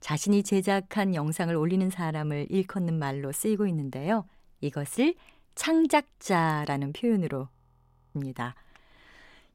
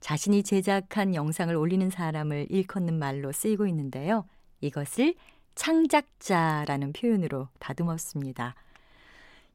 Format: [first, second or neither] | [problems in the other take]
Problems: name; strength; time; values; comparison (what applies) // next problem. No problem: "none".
second | audio freezing; at 7.5 s for 0.5 s